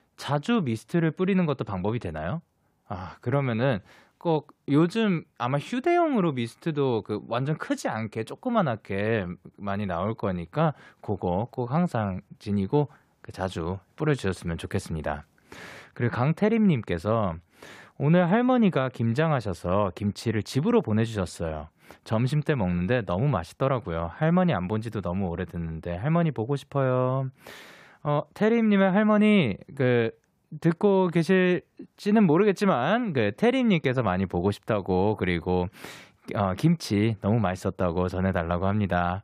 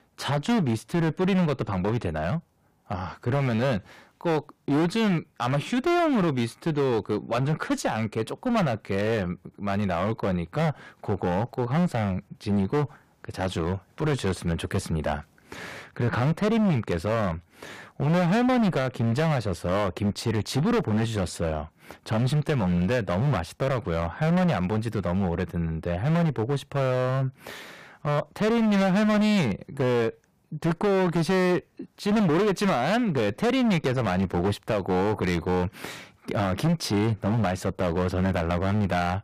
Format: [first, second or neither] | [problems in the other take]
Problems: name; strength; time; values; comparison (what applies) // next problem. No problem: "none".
first | distortion; heavy; 16% of the sound clipped